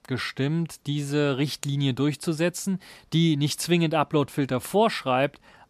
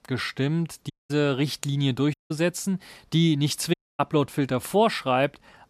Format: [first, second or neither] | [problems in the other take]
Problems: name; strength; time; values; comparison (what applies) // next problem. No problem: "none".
first | audio cutting out; at 1 s, at 2 s and at 3.5 s